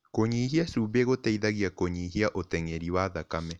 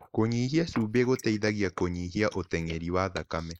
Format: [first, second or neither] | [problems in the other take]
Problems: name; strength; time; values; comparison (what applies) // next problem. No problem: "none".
first | noise reduction (neural mask model Resemble Enhance denoiser)